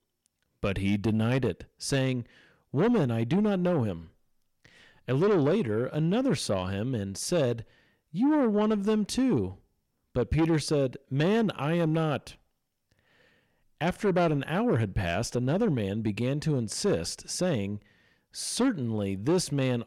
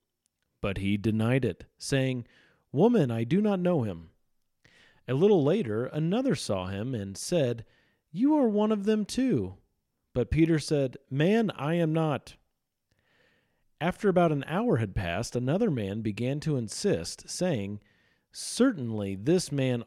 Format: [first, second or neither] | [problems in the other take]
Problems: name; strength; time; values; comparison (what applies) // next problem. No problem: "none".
second | distortion; slight; 10 dB below the speech